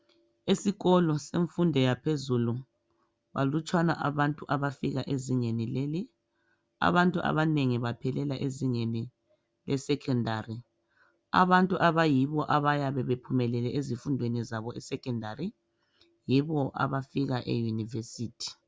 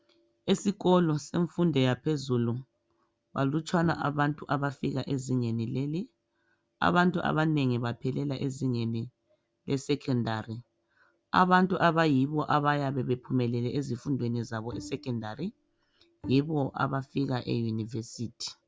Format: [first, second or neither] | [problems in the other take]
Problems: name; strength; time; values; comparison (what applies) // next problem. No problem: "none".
first | background sound (Bowed string instrument); 18 dB below the speech